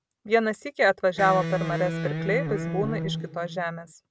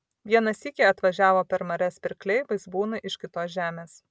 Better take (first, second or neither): second